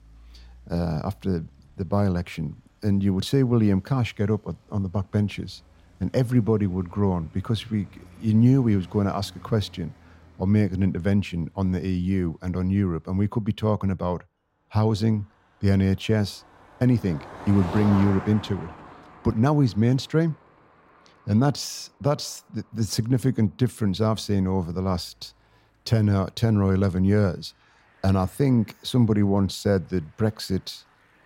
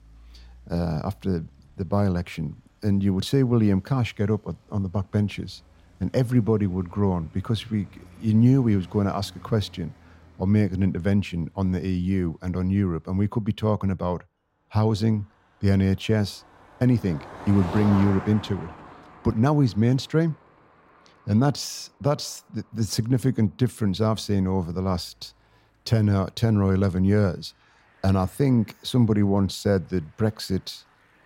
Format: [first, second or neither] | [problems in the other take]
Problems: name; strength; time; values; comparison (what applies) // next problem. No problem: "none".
neither | traffic noise; noticeable; throughout; 20 dB below the speech; the same in both